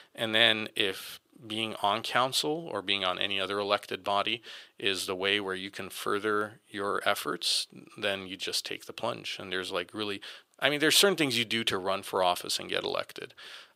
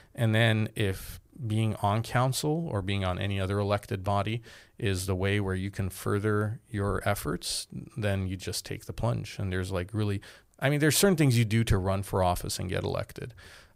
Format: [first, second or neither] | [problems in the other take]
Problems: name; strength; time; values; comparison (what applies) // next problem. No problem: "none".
second | thin; somewhat; fading below 350 Hz